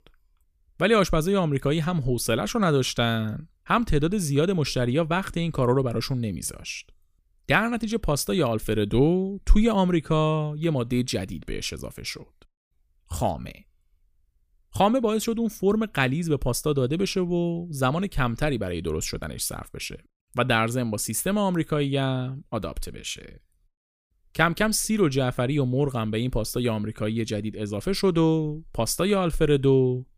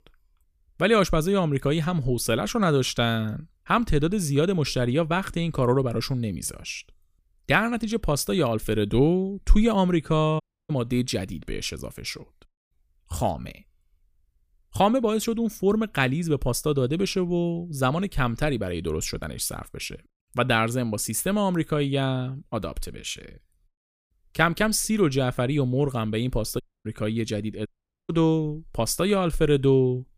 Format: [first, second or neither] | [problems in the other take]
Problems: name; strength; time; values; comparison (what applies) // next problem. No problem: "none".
first | audio cutting out; at 10 s, at 27 s and at 28 s